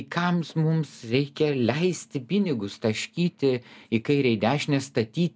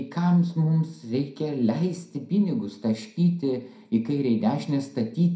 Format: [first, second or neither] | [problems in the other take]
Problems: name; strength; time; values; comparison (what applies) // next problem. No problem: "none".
first | room echo; dies away in 0.4 s